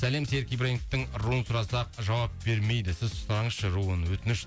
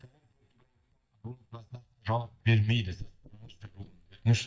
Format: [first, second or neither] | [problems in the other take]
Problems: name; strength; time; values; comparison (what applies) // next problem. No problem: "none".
first | noise reduction (neural mask model DeepFilterNet 3)